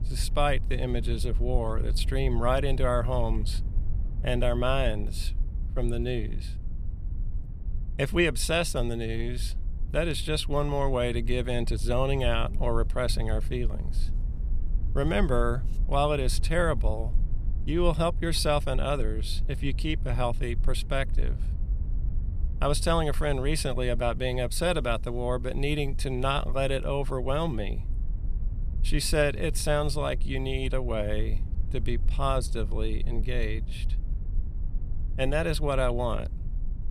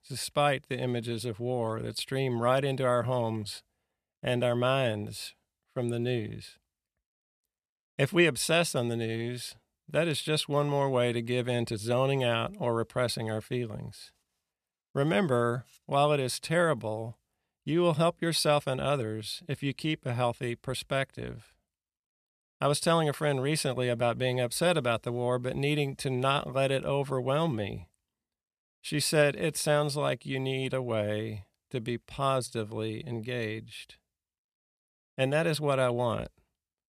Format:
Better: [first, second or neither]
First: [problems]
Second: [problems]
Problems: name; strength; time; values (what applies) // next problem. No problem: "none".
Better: second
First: low rumble; faint; throughout; 20 dB below the speech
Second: none